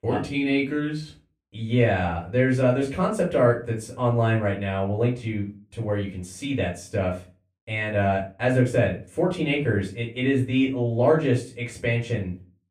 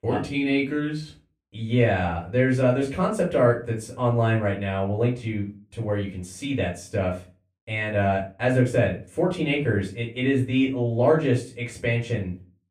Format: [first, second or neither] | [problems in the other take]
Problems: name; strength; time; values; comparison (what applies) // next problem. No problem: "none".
neither | off-mic speech; far; the same in both // room echo; slight; dies away in 0.3 s; the same in both